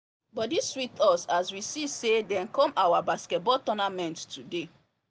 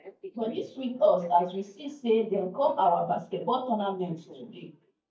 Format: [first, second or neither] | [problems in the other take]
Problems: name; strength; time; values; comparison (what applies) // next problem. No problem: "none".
first | noise reduction (neural mask model DeepFilterNet 3)